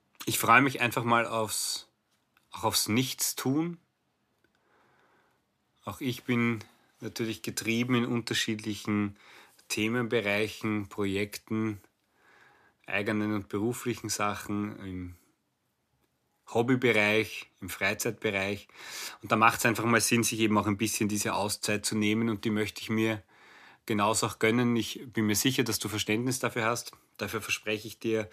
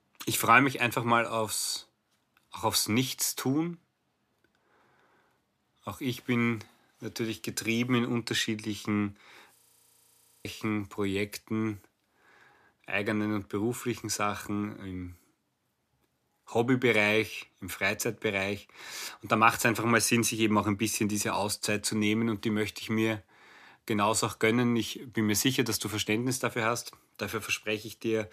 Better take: first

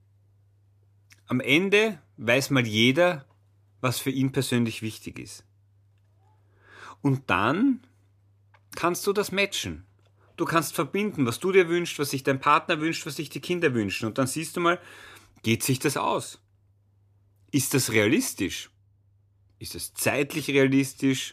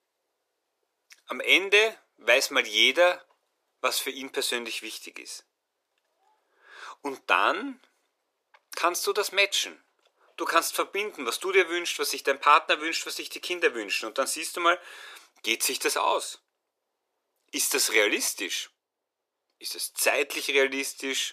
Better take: first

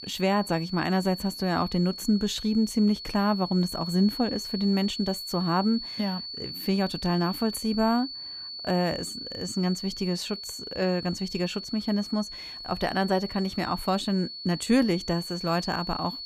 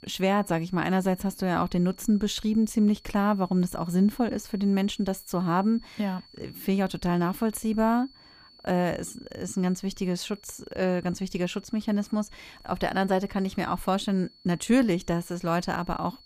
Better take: second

